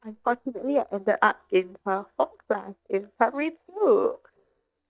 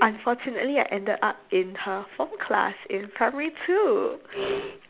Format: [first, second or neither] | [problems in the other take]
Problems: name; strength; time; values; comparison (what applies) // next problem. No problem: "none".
second | noise reduction (neural mask model DeepFilterNet 3)